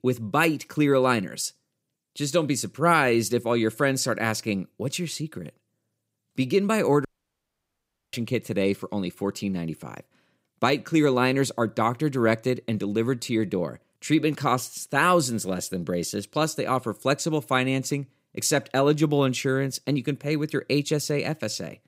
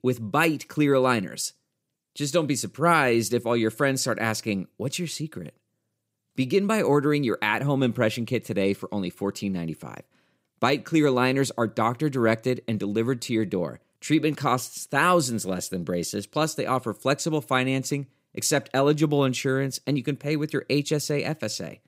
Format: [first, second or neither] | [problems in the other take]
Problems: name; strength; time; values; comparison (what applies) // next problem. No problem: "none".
second | audio cutting out; at 7 s for 1 s